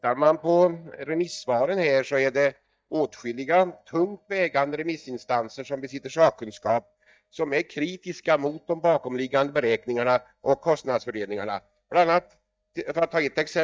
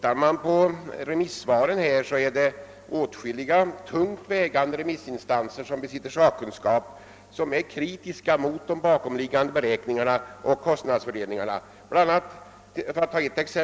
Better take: second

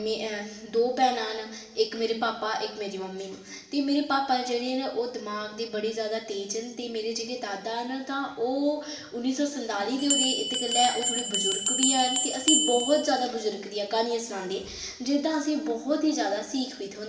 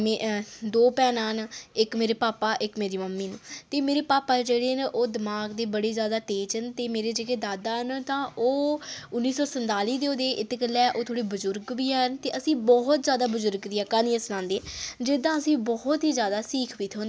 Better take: second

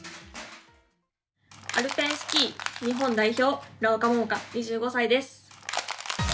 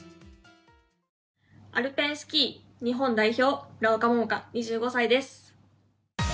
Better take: second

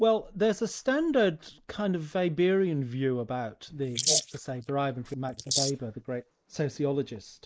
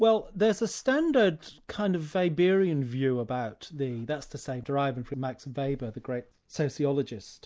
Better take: second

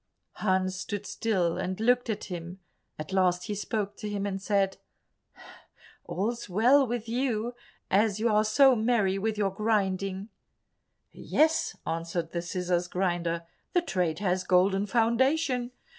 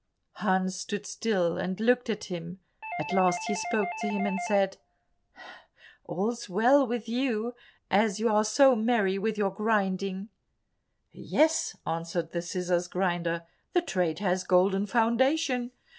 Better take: first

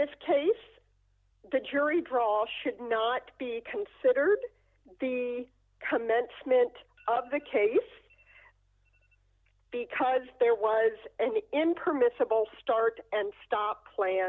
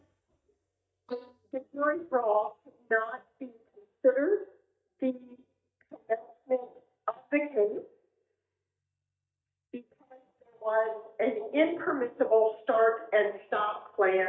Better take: first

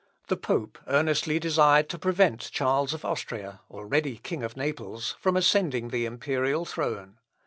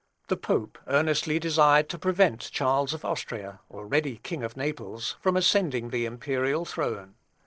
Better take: first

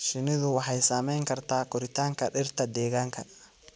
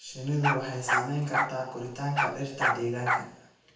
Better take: first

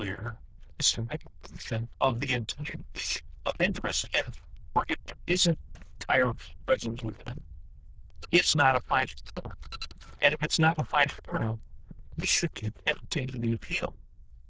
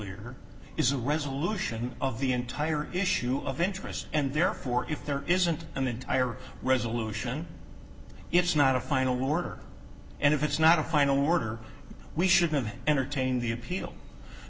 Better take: second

